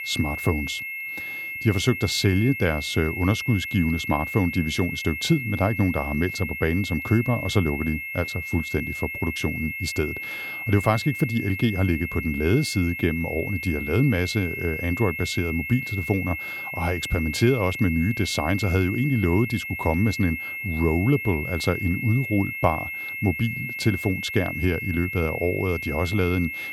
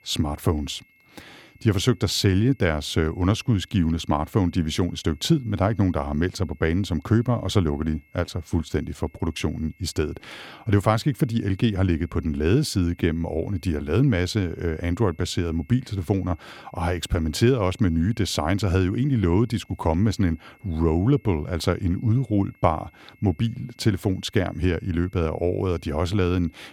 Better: second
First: high-pitched whine; loud; throughout; 2 kHz, 6 dB below the speech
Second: high-pitched whine; faint; throughout; 2 kHz, 35 dB below the speech

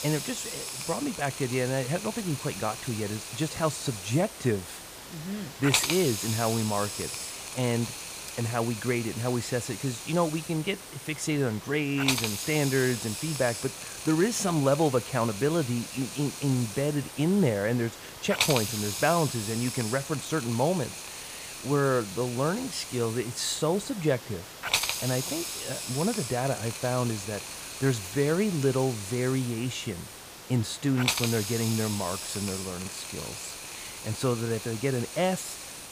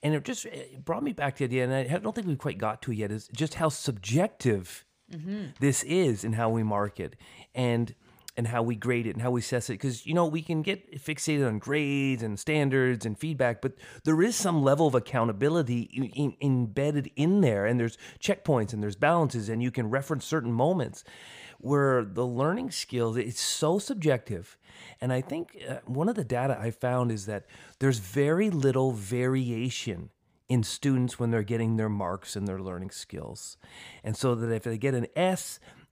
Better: second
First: hiss; loud; throughout; 5 dB below the speech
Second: none

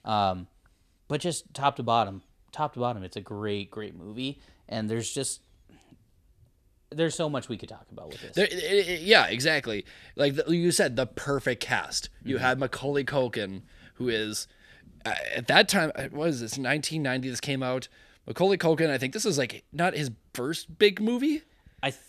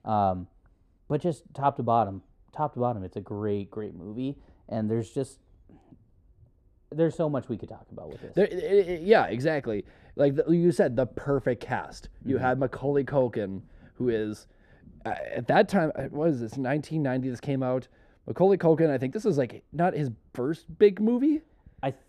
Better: first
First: none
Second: muffled; very; fading above 1.5 kHz

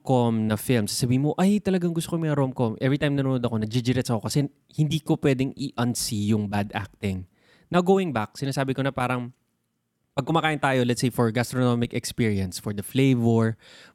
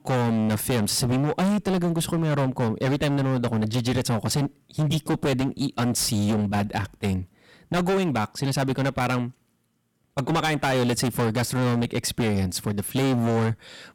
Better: first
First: none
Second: distortion; heavy; 24% of the sound clipped

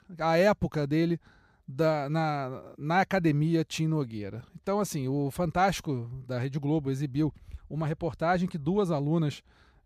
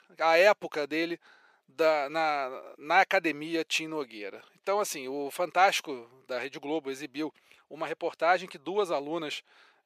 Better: first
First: none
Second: thin; very; fading below 400 Hz

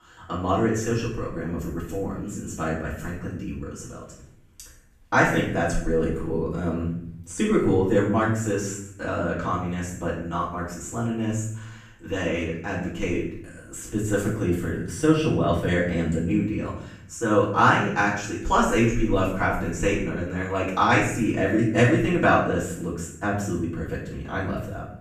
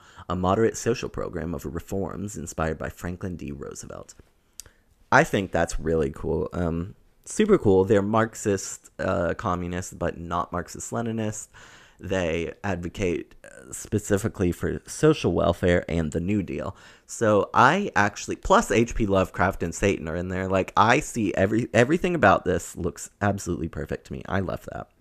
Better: second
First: off-mic speech; far // room echo; noticeable; dies away in 0.7 s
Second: none

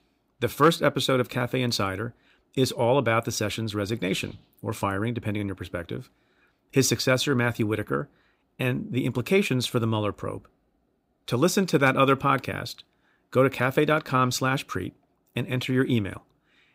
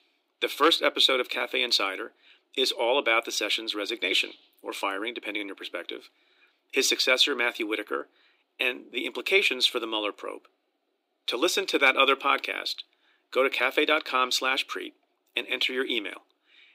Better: first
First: none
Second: thin; somewhat; fading below 300 Hz

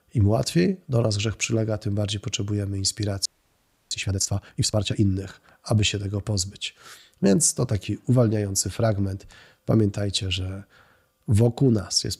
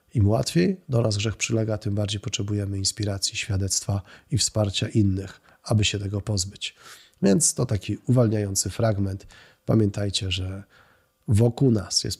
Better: second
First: audio freezing; at 3.5 s for 0.5 s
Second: none

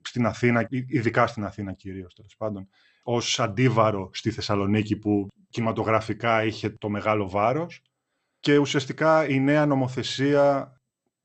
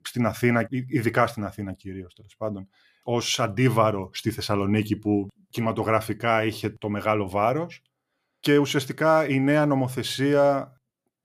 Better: second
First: garbled, watery; slightly; nothing above 7.5 kHz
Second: none

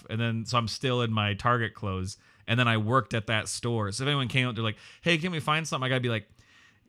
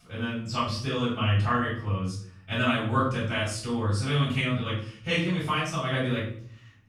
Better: first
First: none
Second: off-mic speech; far // room echo; noticeable; dies away in 0.5 s

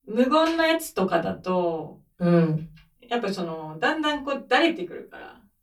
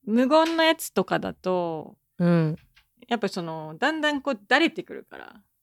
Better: second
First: off-mic speech; far // room echo; very slight; dies away in 0.2 s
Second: none

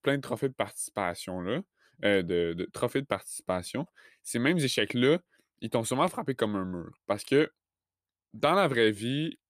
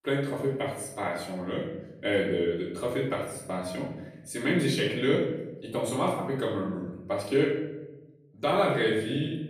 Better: first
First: none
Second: off-mic speech; far // room echo; noticeable; dies away in 0.9 s

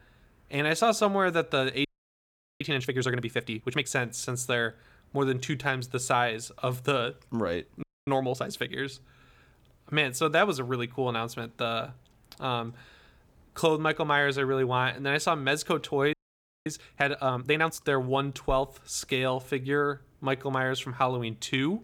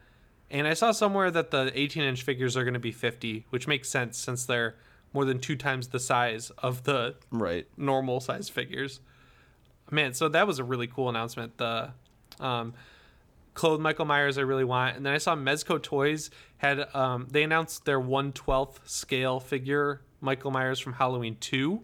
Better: second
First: audio freezing; at 2 s for 1 s, at 8 s and at 16 s for 0.5 s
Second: none

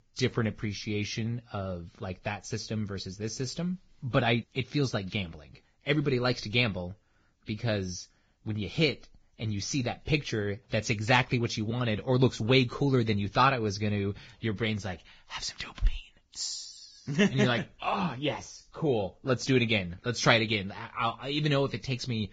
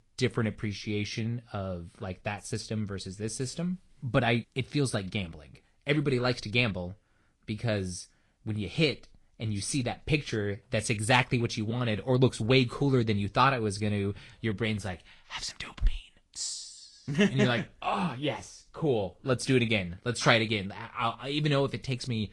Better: second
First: garbled, watery; badly; nothing above 7.5 kHz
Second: garbled, watery; slightly

